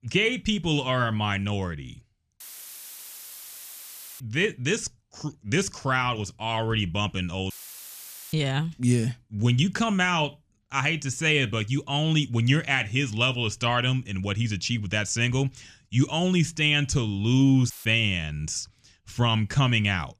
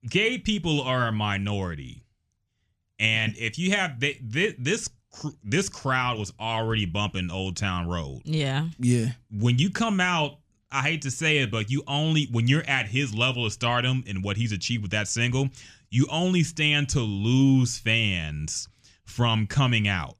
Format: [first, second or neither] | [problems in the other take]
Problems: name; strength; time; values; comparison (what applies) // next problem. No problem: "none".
second | audio cutting out; filled with static; at 2.5 s for 2 s, at 7.5 s for 1 s and at 18 s